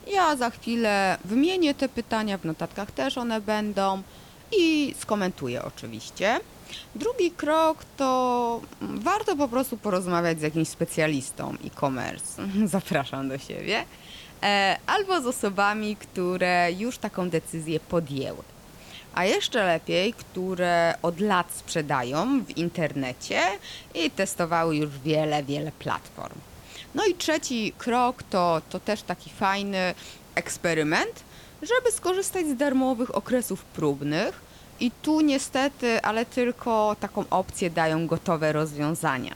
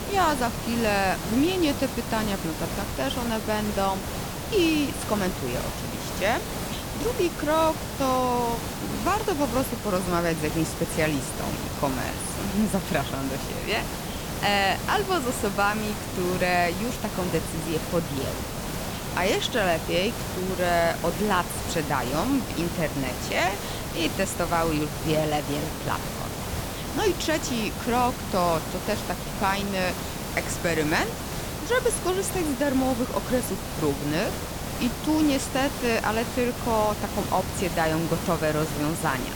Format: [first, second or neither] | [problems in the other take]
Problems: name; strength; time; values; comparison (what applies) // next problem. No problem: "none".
first | hiss; loud; throughout; 5 dB below the speech; faint in the first